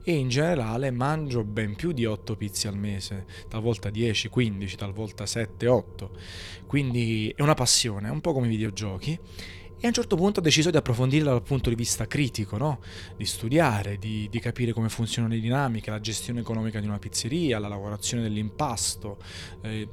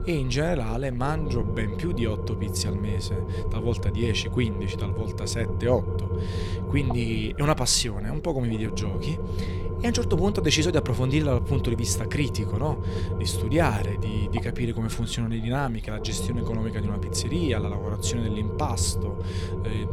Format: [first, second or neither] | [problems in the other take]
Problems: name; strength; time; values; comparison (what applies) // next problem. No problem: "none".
first | low rumble; loud; throughout; 8 dB below the speech; faint in the first